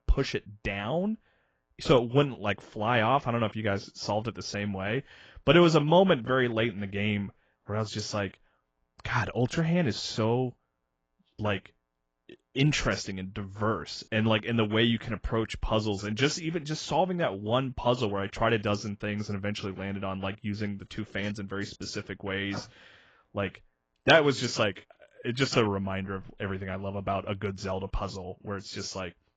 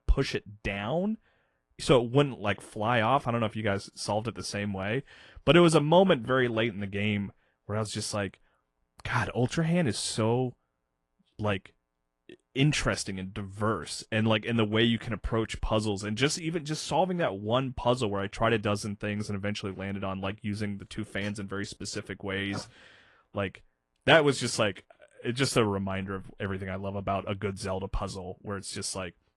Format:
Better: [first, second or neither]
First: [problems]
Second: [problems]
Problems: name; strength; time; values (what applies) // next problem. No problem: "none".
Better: second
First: garbled, watery; badly; nothing above 7.5 kHz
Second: garbled, watery; slightly